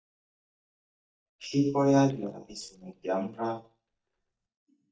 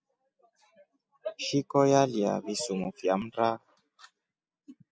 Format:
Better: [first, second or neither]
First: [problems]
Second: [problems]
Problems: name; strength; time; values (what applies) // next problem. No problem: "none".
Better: second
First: noise reduction (neural mask model DeepFilterNet 3)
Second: none